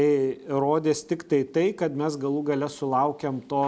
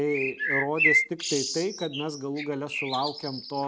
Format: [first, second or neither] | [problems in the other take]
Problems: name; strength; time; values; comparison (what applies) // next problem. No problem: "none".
first | noise reduction (neural mask model RNNoise)